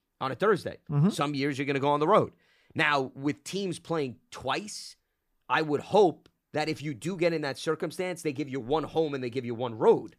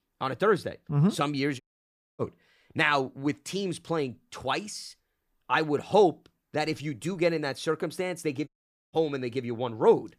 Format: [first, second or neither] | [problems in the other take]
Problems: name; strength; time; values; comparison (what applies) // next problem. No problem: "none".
first | audio cutting out; at 1.5 s for 0.5 s and at 8.5 s